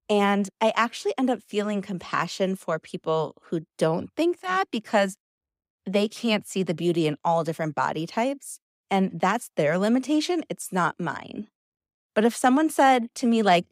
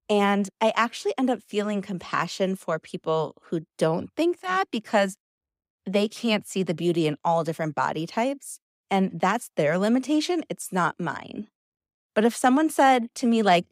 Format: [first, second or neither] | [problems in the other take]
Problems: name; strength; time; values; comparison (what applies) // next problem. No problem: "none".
neither | none